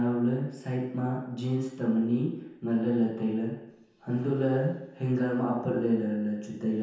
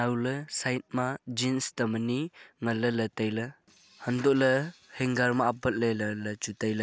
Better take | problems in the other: second | room echo; dies away in 0.9 s

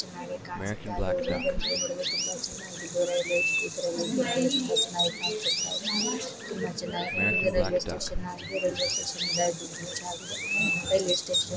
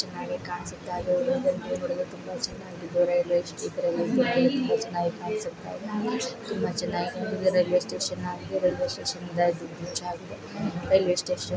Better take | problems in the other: second | background sound (Chirp, tweet + Bird vocalization, bird call, bird song); as loud as the speech

